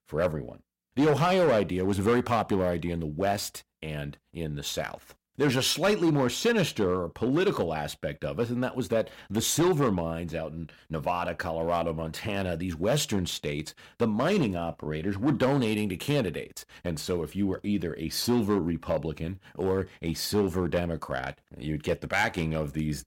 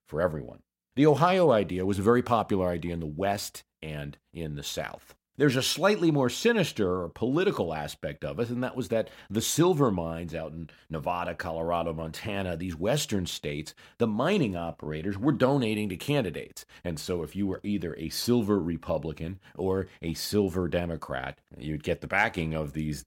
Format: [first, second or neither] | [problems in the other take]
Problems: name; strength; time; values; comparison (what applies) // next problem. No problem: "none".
second | distortion; slight; 4% of the sound clipped